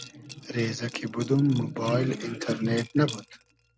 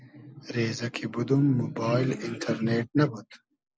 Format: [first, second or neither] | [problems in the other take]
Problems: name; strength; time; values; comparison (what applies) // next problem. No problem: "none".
second | background sound (Liquid); 19 dB below the speech